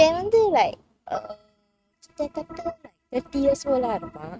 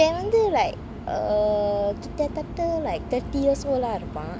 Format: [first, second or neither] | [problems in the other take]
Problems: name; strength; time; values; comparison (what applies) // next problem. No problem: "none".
second | noise reduction (neural mask model RNNoise)